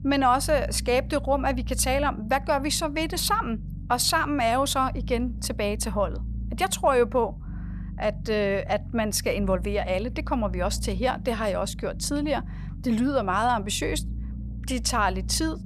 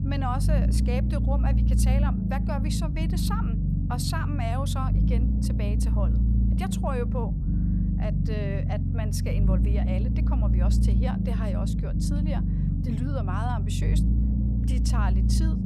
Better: first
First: low rumble; faint; throughout; 25 dB below the speech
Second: low rumble; loud; throughout; 2 dB below the speech

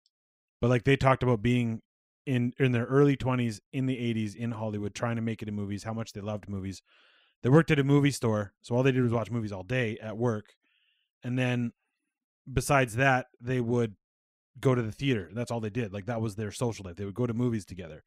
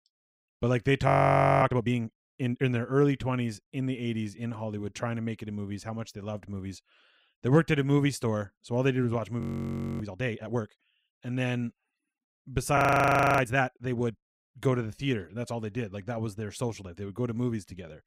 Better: first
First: none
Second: audio freezing; at 1 s for 0.5 s, at 9.5 s for 0.5 s and at 13 s for 0.5 s

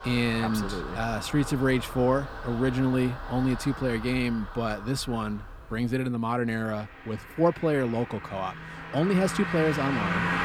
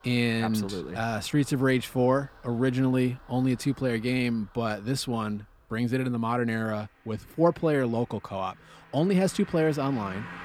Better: second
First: traffic noise; loud; throughout; 8 dB below the speech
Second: traffic noise; faint; throughout; 25 dB below the speech

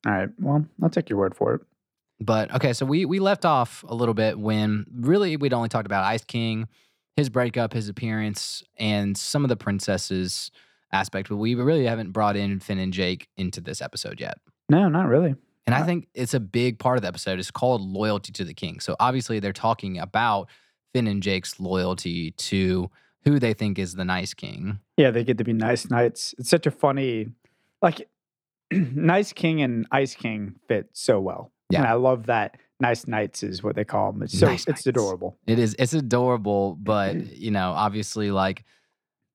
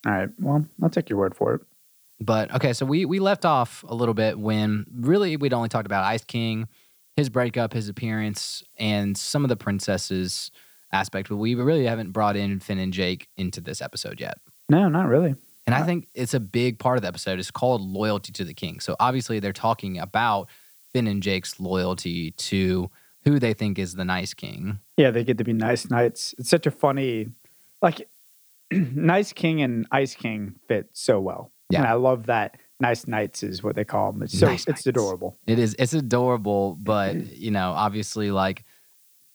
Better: first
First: none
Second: hiss; faint; throughout; 30 dB below the speech

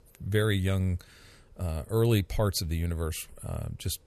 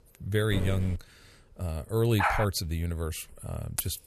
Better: first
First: none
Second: footsteps; noticeable; at 0.5 s; peak 6 dB below the speech // dog barking; loud; at 2 s; peak 2 dB above the speech // jangling keys; very faint; at 4 s; peak 4 dB below the speech

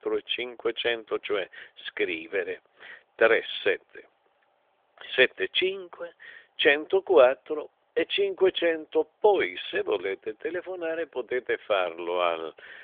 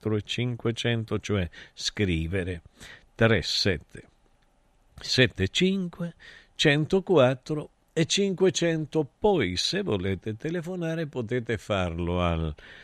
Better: second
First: phone-call audio; nothing above 3.5 kHz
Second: none

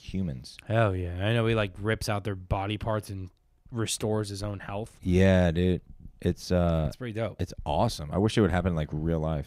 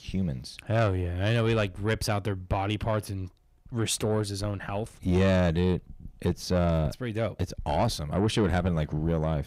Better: first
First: none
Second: distortion; slight; 10 dB below the speech

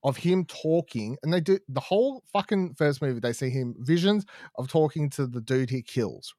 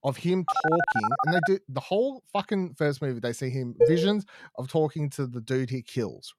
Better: first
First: none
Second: phone ringing; loud; until 1.5 s; peak 3 dB above the speech // clattering dishes; loud; at 4 s; peak 5 dB above the speech

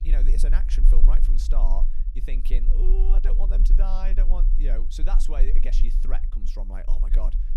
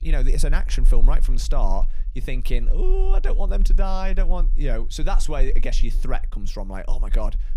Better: second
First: low rumble; loud; throughout; 10 dB below the speech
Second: low rumble; faint; throughout; 20 dB below the speech

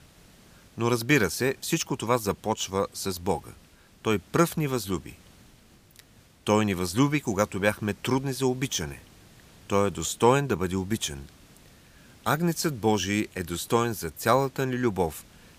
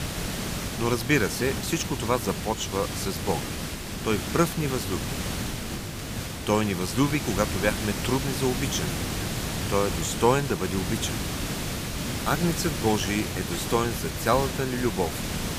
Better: first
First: hiss; faint; throughout; 30 dB below the speech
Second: hiss; loud; throughout; 4 dB below the speech

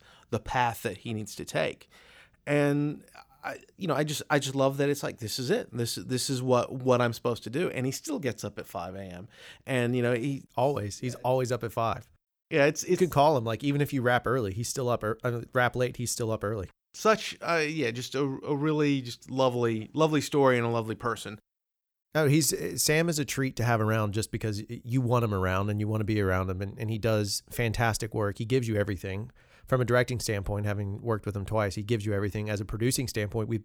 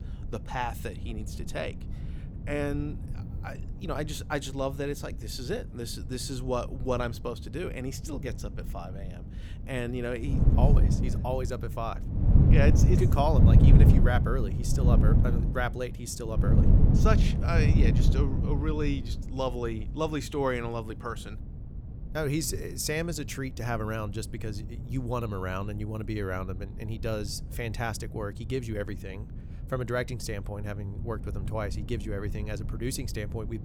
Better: first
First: none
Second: wind noise on the microphone; heavy; 4 dB below the speech

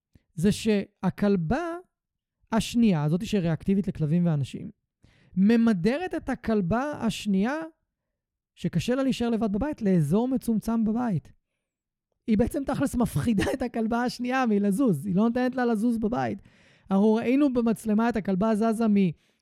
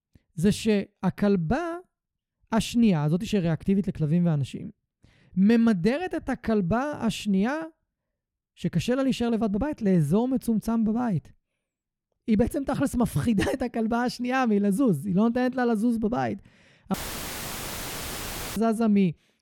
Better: first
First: none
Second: audio cutting out; filled with static; at 17 s for 1.5 s

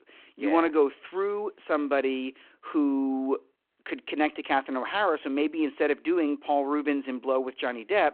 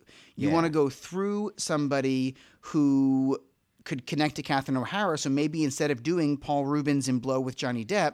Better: second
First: phone-call audio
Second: none

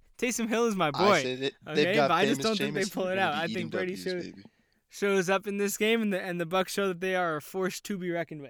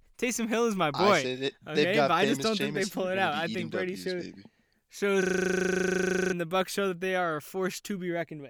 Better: first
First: none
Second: audio freezing; at 5 s for 1 s

